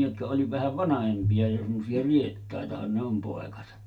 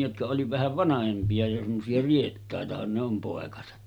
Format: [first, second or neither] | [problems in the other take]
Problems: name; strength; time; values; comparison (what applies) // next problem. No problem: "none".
second | room echo; dies away in 0.2 s